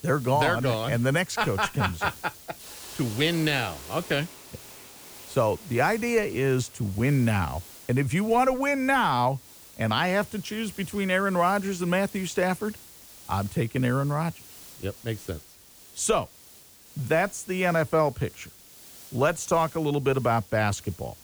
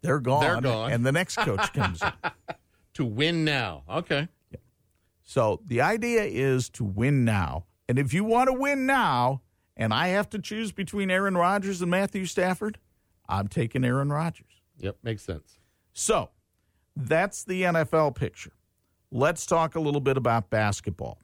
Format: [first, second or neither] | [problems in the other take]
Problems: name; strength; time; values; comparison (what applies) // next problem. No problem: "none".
second | hiss; noticeable; throughout; 20 dB below the speech